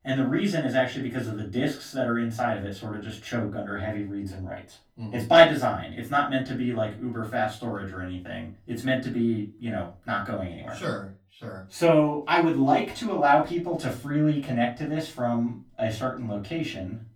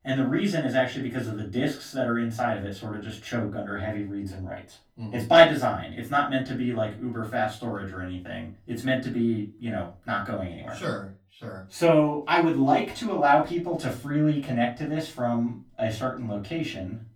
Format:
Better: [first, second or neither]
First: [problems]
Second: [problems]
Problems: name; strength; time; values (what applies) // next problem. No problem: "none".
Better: neither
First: room echo; slight; dies away in 0.3 s // off-mic speech; far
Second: room echo; slight; dies away in 0.3 s // off-mic speech; far